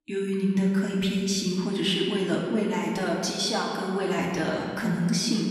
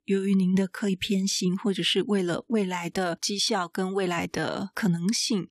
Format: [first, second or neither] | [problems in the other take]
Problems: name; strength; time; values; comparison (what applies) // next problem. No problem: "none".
second | room echo; noticeable; dies away in 1.9 s // off-mic speech; far